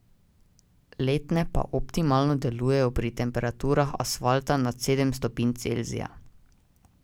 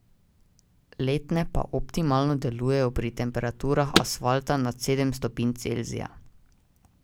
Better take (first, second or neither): first